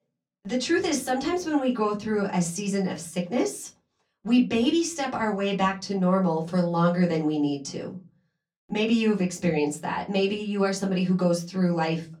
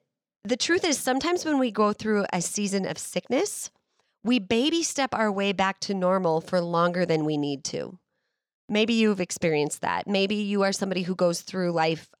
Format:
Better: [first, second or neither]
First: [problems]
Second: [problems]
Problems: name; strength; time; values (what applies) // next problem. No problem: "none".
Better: second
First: off-mic speech; far // room echo; very slight; dies away in 0.3 s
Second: none